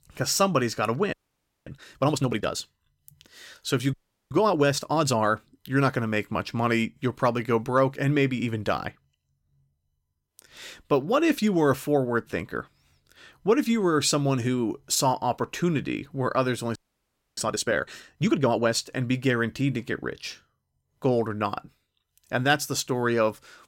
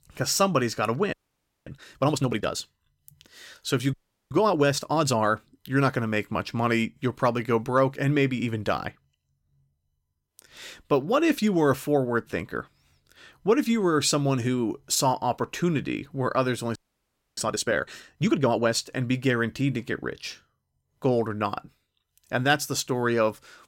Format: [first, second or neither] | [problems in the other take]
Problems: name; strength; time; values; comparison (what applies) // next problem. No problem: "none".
neither | audio freezing; at 1 s for 0.5 s, at 4 s and at 17 s for 0.5 s; the same in both